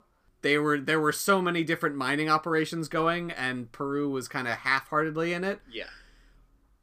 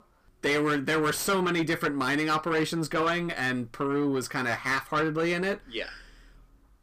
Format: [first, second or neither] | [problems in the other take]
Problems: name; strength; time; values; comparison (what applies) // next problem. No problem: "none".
first | distortion; heavy; 7 dB below the speech